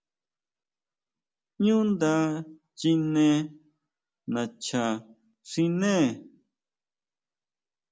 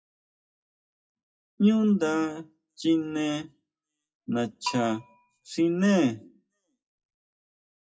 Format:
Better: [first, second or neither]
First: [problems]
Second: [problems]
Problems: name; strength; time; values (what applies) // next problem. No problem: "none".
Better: first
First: none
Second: noise reduction (classical method WPE with log-MMSE)